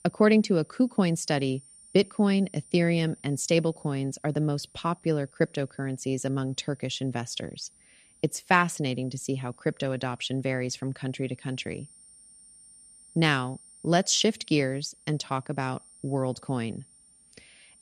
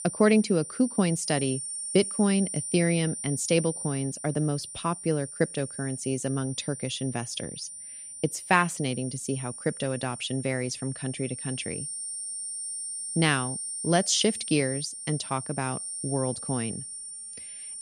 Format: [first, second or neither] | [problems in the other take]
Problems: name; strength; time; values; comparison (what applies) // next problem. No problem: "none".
first | high-pitched whine; loud; throughout; 9 kHz, 7 dB below the speech; faint in the first